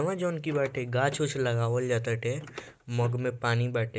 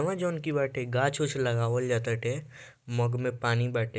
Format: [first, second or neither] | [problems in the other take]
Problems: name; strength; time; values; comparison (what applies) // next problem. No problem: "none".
second | noise reduction (neural mask model Resemble Enhance denoiser)